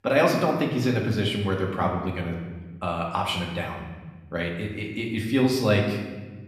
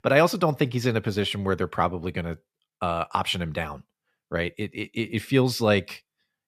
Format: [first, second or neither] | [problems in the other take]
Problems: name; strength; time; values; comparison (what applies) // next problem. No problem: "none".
second | room echo; noticeable; dies away in 1.1 s // off-mic speech; somewhat distant